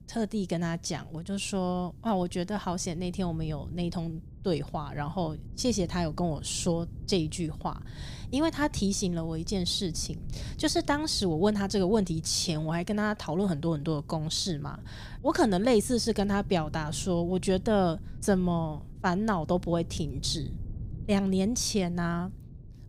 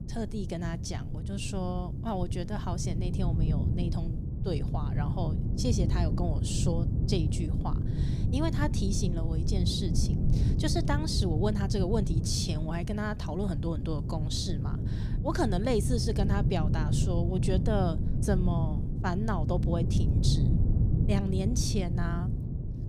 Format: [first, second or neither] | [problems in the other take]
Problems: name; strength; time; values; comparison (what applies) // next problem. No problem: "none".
first | wind noise on the microphone; heavy; 6 dB below the speech; occasional gusts in the first